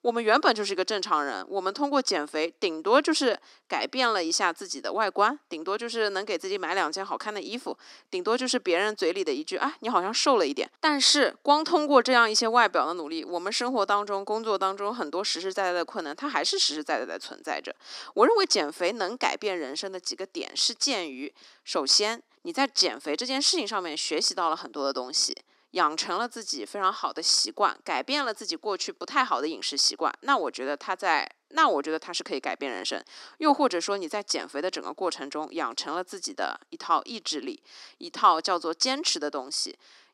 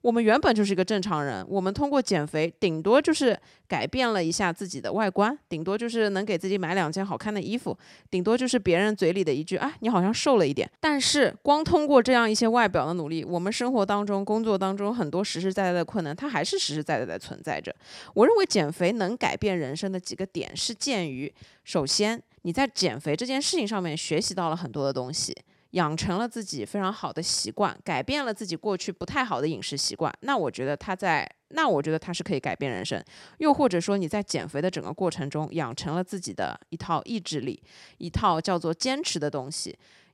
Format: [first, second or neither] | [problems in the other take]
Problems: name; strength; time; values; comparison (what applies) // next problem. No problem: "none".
second | thin; somewhat; fading below 250 Hz